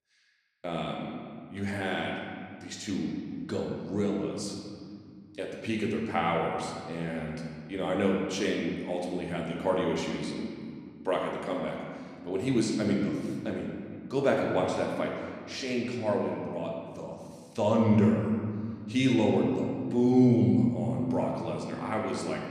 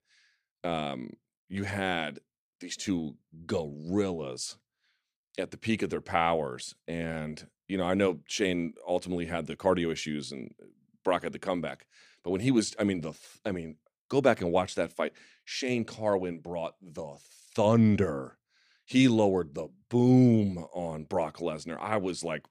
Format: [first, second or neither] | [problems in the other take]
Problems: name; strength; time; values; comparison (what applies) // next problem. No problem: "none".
second | room echo; noticeable; dies away in 2 s // off-mic speech; somewhat distant